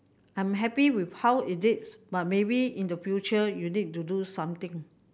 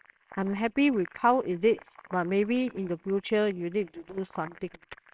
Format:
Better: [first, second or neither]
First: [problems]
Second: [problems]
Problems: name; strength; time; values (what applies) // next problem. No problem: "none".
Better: first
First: none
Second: noise reduction (neural separator model SepFormer WHAMR!)